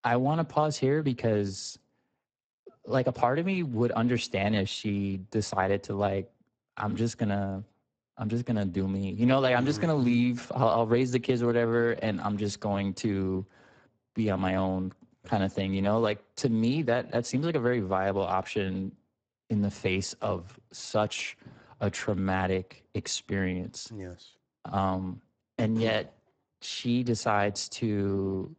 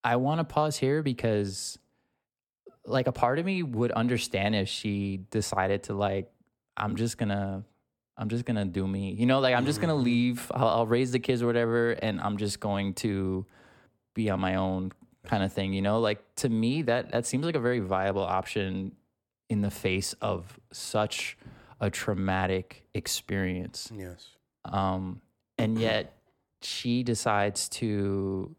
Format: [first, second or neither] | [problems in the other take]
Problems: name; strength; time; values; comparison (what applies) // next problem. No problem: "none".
second | garbled, watery; badly; nothing above 7.5 kHz